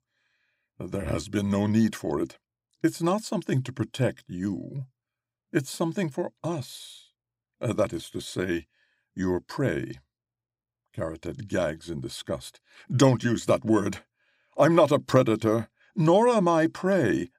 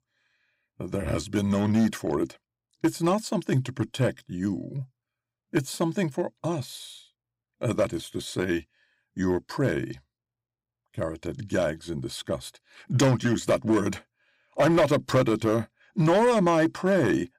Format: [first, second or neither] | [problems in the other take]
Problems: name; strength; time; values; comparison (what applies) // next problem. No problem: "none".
first | distortion; slight; 3% of the sound clipped